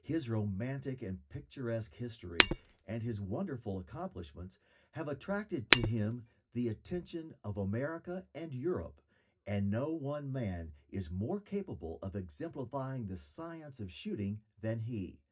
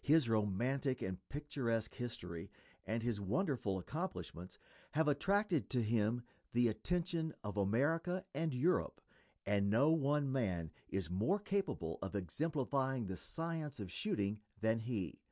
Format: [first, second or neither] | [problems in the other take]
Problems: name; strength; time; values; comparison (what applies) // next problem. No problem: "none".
second | background sound (Shatter); 3 dB above the speech // room echo; dies away in 0.4 s